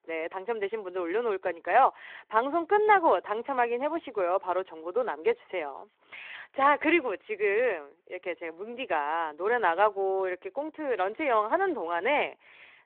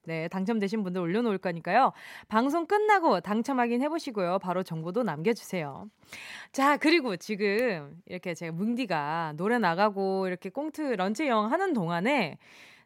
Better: second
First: phone-call audio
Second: none

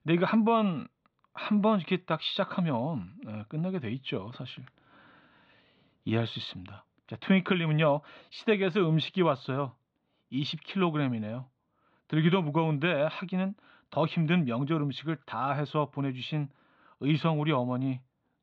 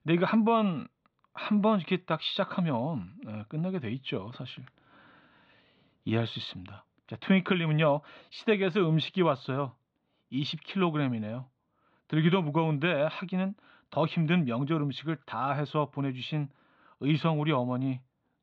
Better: neither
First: muffled; slightly; fading above 4 kHz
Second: muffled; slightly; fading above 4 kHz

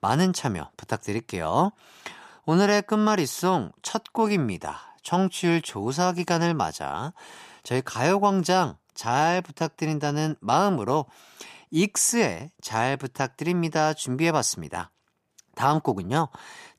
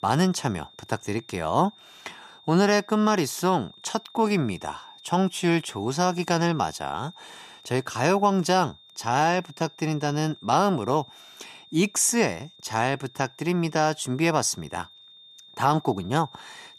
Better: first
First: none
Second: high-pitched whine; faint; throughout; 3.5 kHz, 25 dB below the speech

